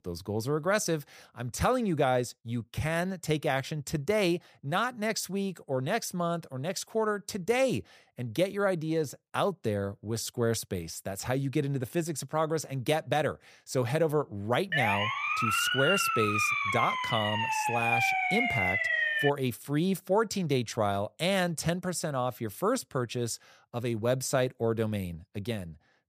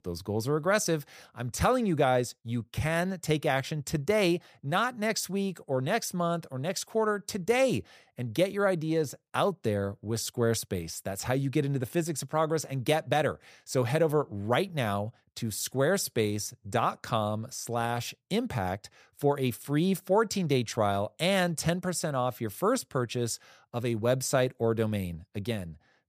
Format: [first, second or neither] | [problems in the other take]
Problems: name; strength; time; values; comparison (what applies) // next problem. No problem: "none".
second | siren; loud; from 15 to 19 s; peak 5 dB above the speech